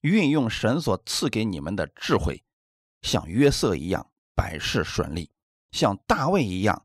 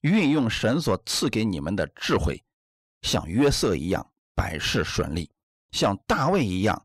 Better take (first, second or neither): first